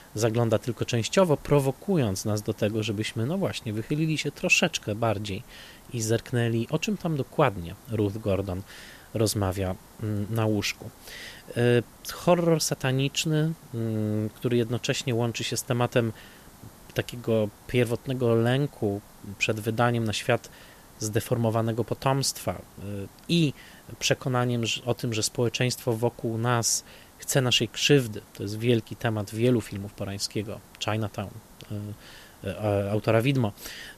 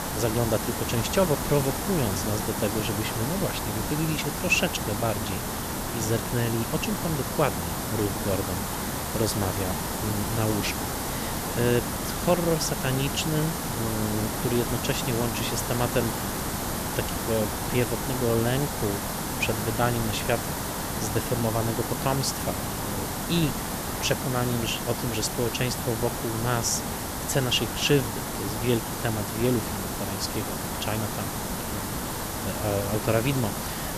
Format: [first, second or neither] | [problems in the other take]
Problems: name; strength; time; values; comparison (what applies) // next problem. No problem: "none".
first | hiss; loud; throughout; 1 dB below the speech; faint in the first